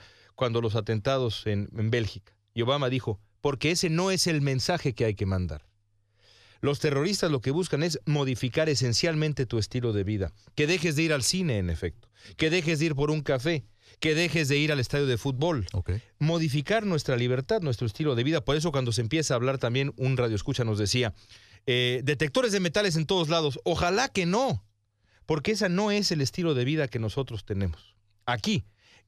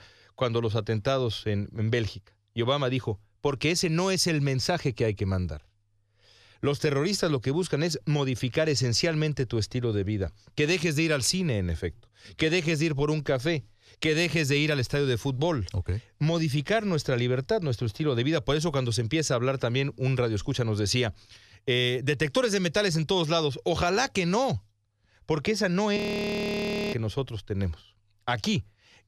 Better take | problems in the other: first | audio freezing; at 26 s for 1 s

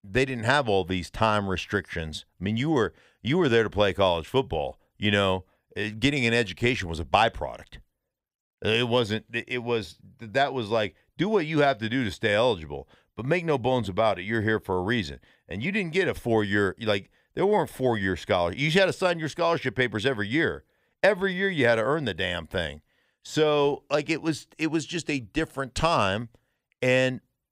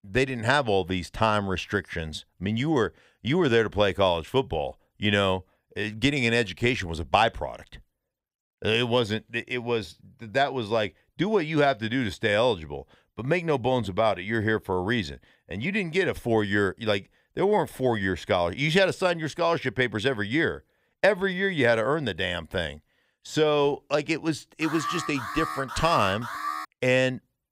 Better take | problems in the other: first | alarm; noticeable; from 25 to 27 s; peak 6 dB below the speech

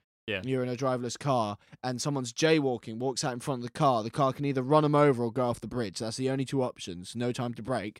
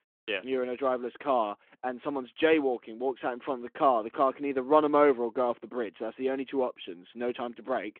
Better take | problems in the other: first | phone-call audio

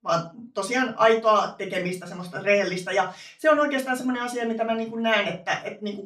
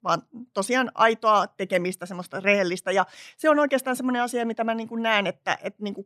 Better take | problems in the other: second | room echo; slight; dies away in 0.3 s // off-mic speech; far

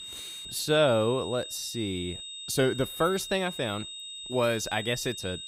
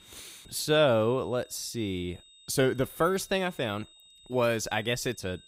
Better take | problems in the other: second | high-pitched whine; loud; throughout; 3.5 kHz, 9 dB below the speech; faint in the second

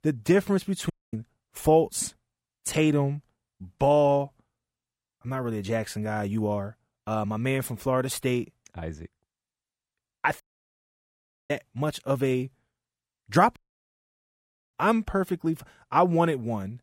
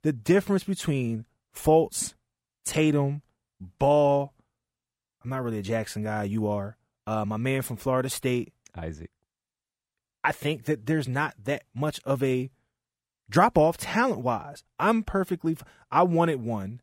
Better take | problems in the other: second | audio cutting out; at 1 s, at 10 s for 1 s and at 14 s for 1 s

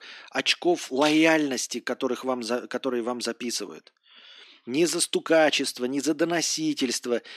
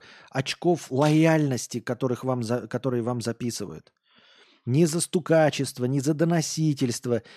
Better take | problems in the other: second | thin; very slightly; fading below 250 Hz

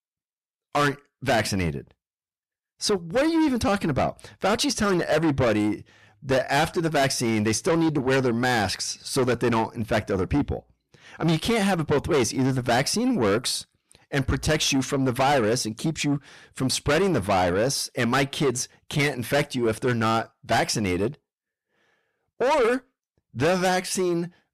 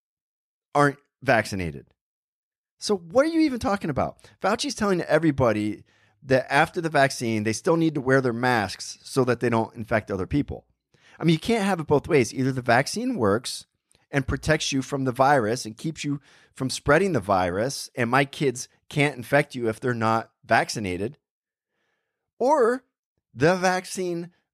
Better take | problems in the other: second | distortion; heavy; 6 dB below the speech

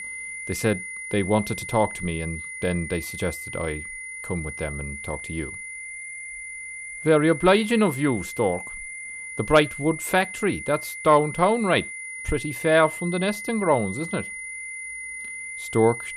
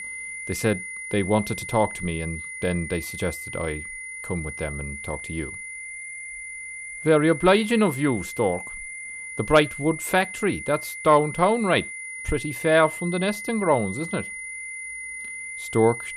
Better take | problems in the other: neither | high-pitched whine; loud; throughout; 2 kHz, 9 dB below the speech; the same in both

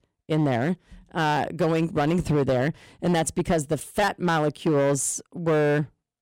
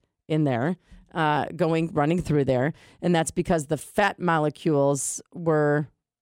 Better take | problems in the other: second | distortion; slight; 10% of the sound clipped

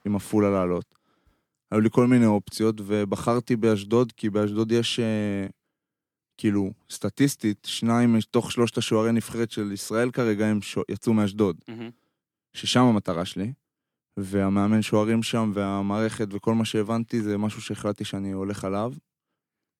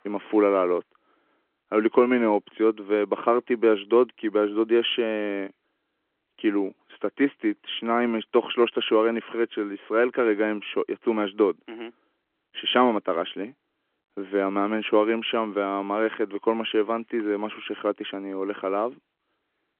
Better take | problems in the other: first | phone-call audio; nothing above 3.5 kHz

